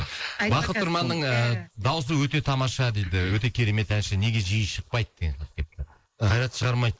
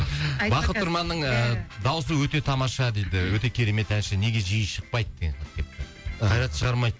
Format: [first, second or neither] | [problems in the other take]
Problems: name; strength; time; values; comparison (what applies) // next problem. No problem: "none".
second | noise reduction (neural mask model Resemble Enhance denoiser)